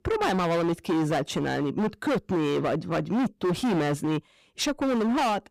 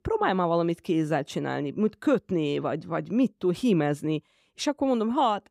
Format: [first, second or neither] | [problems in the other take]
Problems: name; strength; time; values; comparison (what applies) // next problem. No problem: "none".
second | distortion; heavy; 27% of the sound clipped